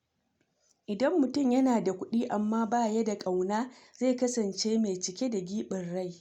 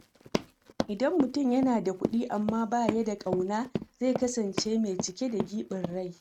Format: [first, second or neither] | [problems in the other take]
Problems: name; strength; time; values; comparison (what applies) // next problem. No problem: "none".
first | noise reduction (neural mask model RNNoise)